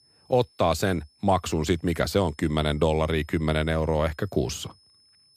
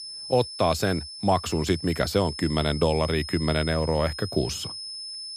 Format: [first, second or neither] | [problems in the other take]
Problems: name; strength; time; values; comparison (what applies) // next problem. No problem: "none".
first | high-pitched whine; loud; throughout; 5.5 kHz, 10 dB below the speech; faint in the first